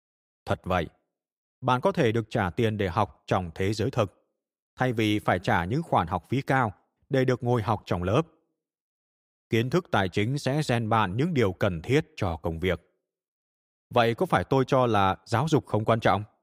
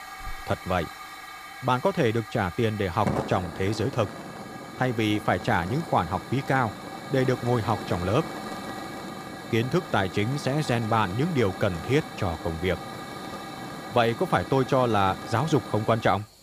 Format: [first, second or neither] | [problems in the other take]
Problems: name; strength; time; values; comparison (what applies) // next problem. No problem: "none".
first | hiss; noticeable; throughout; 10 dB below the speech